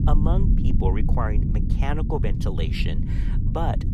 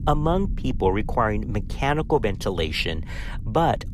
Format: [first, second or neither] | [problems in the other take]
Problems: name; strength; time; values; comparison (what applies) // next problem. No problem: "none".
second | low rumble; loud; throughout; 5 dB below the speech; faint in the second